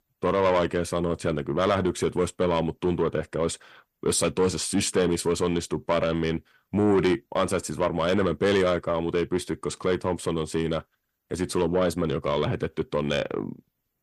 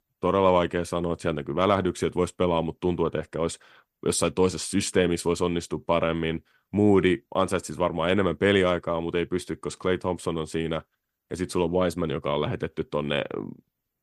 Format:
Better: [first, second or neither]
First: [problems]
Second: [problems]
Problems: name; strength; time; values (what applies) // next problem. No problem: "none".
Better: second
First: distortion; slight; 10 dB below the speech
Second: none